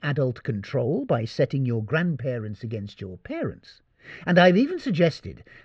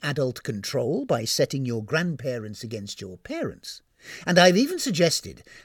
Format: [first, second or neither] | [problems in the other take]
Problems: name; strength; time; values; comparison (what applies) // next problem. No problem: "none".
second | muffled; slightly; fading above 3 kHz